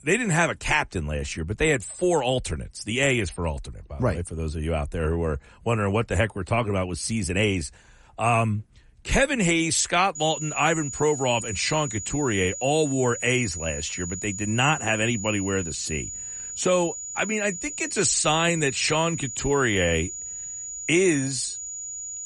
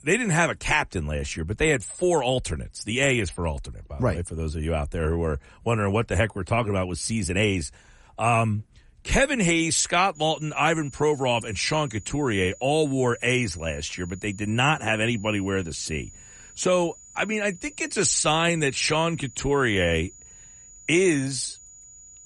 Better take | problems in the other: second | high-pitched whine; loud; from 10 s on; 7 kHz, 8 dB below the speech; faint in the second

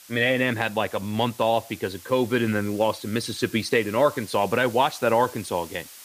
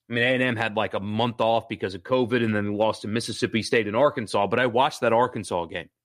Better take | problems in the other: second | hiss; noticeable; throughout; 20 dB below the speech

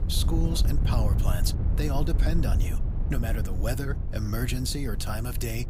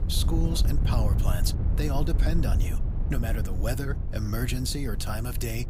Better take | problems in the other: neither | wind noise on the microphone; heavy; 8 dB below the speech; the same in both

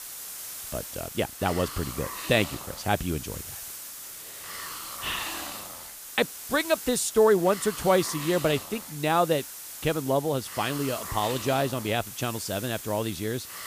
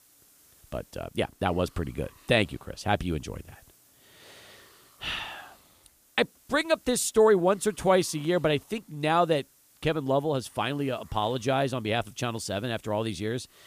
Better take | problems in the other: second | hiss; loud; throughout; 9 dB below the speech; faint in the second

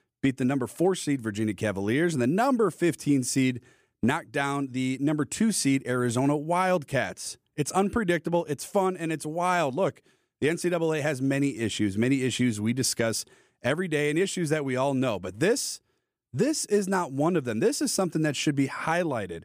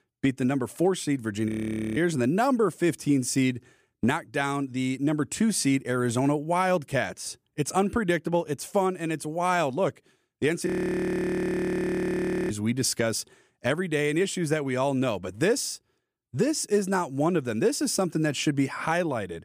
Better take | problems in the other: first | audio freezing; at 1.5 s and at 11 s for 2 s

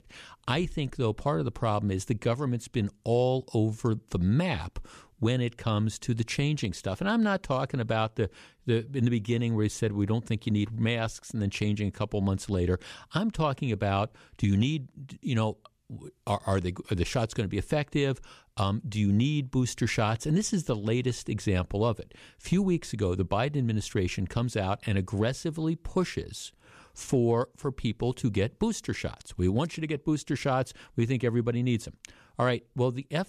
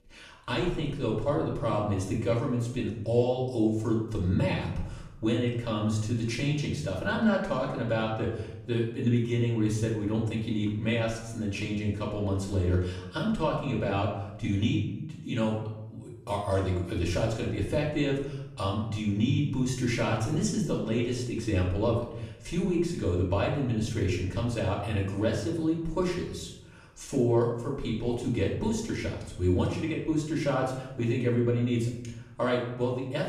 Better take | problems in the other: first | off-mic speech; far // room echo; noticeable; dies away in 0.7 s

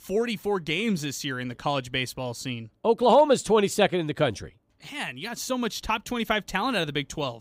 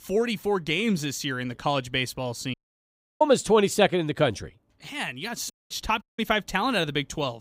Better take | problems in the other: first | audio cutting out; at 2.5 s for 0.5 s, at 5.5 s and at 6 s

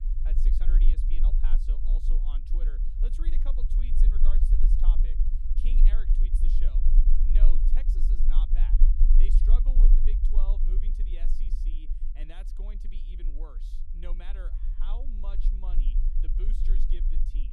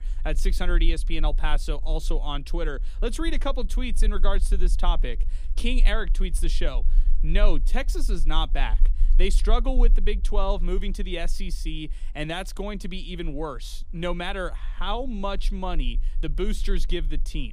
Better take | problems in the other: second | low rumble; loud; throughout; 2 dB below the speech; faint in the second

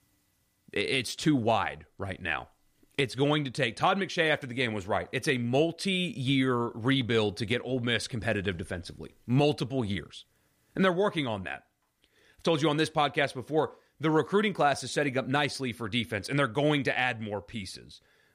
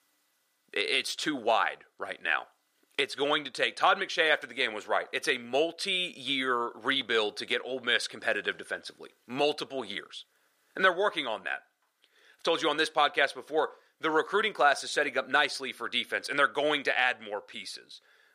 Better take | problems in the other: first | thin; somewhat; fading below 500 Hz

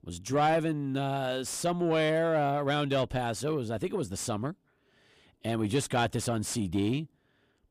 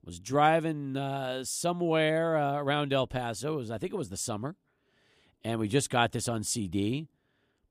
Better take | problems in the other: second | distortion; slight; 10 dB below the speech

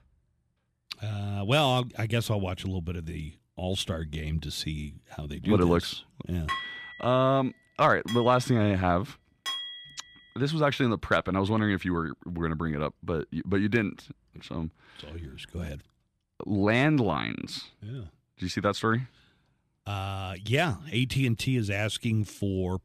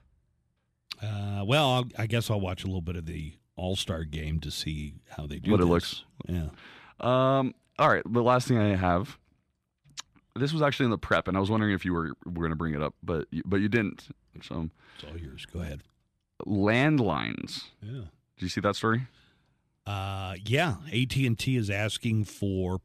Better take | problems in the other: second | clattering dishes; noticeable; from 6.5 to 10 s; peak 5 dB below the speech

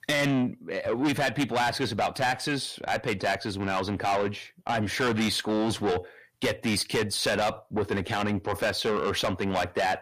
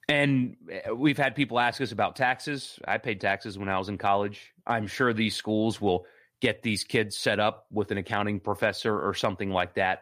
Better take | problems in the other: second | distortion; heavy; 6 dB below the speech

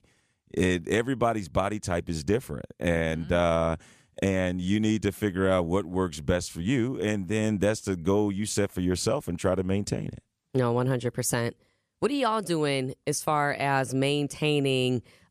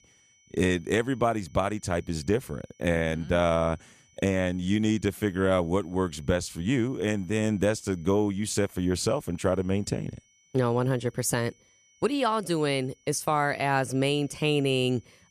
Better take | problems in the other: first | high-pitched whine; faint; throughout; 6 kHz, 35 dB below the speech

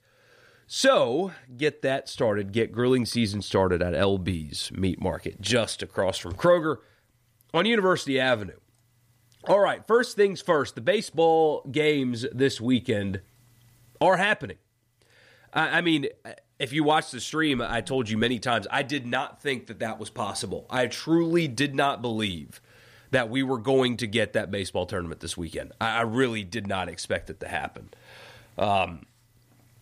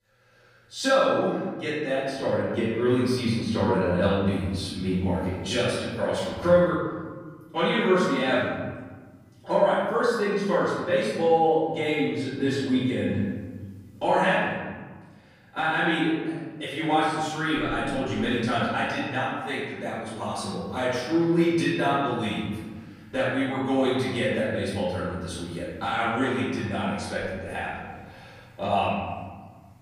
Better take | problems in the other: first | room echo; strong; dies away in 1.5 s // off-mic speech; far

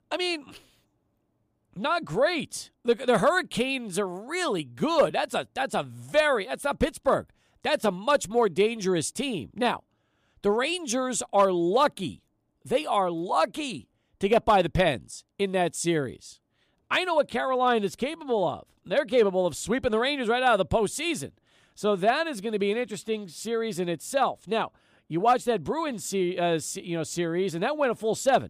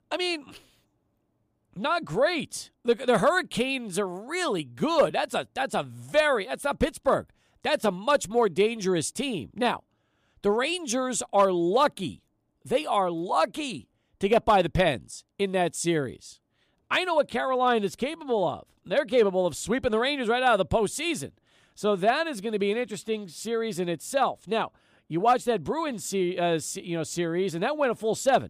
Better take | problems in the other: neither | none

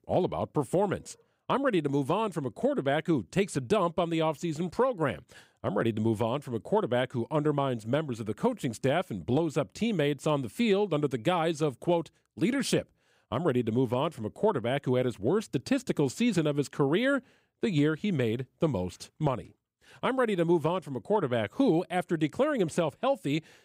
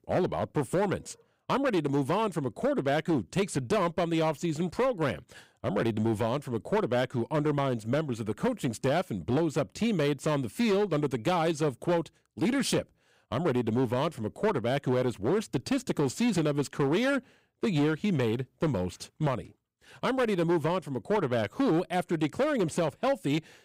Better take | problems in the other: first | distortion; slight; 10% of the sound clipped

